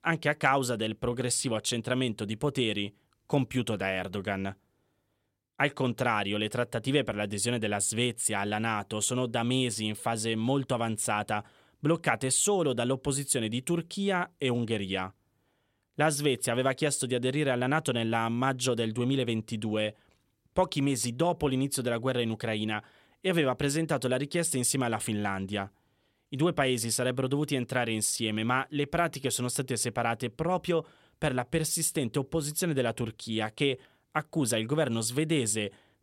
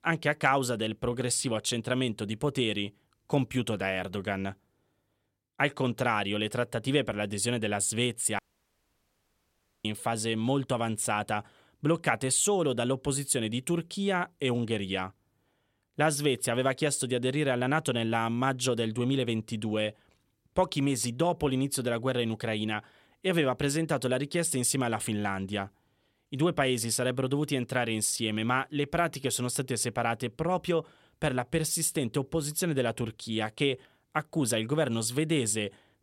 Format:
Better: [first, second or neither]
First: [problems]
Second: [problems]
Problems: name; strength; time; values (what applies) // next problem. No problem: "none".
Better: first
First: none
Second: audio cutting out; at 8.5 s for 1.5 s